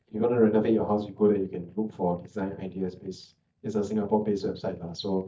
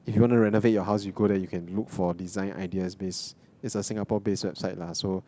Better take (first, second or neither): second